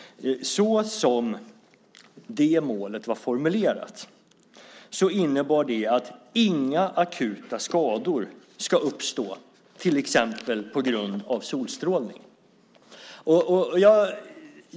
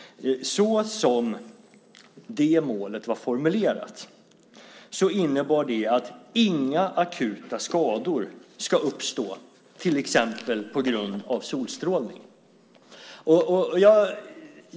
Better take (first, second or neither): first